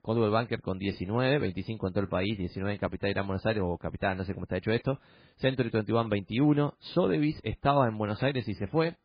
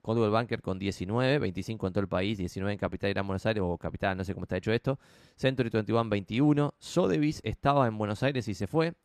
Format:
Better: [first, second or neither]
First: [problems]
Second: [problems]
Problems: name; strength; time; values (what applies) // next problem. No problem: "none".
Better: second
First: garbled, watery; badly; nothing above 4 kHz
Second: none